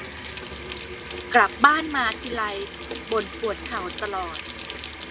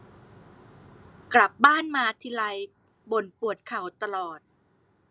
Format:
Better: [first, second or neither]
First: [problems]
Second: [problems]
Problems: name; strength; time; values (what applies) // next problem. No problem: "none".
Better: second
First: background sound (Sink (filling or washing) / Water tap, faucet); 10 dB below the speech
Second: none